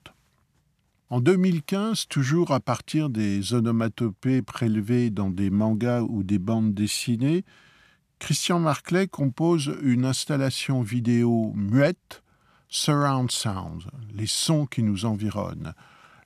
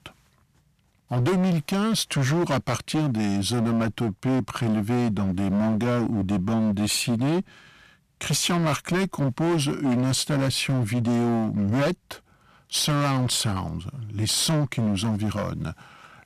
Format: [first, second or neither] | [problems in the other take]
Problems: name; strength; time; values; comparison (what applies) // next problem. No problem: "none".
first | distortion; heavy; 21% of the sound clipped